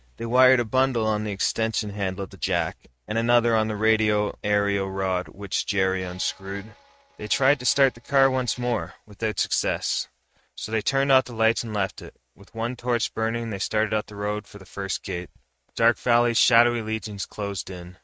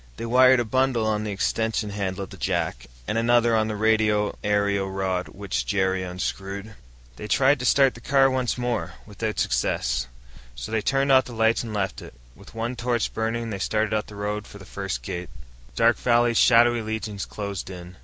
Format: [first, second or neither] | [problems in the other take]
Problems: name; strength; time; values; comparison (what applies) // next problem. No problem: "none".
second | noise reduction (neural mask model RNNoise)